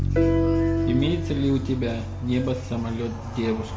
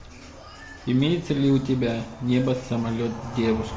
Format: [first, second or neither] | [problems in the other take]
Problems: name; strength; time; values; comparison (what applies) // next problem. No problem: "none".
second | background sound (Piano + Bass guitar); 1 dB above the speech